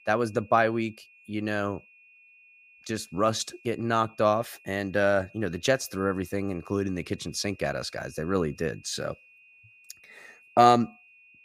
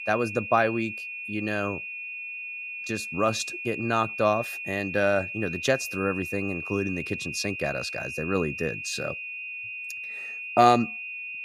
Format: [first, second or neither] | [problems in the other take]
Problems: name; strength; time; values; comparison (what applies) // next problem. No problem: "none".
first | high-pitched whine; loud; throughout; 2.5 kHz, 6 dB below the speech; faint in the first